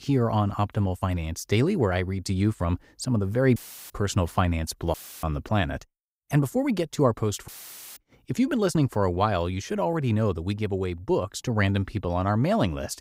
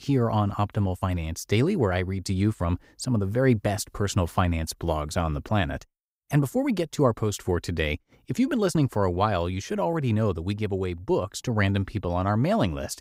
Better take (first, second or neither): second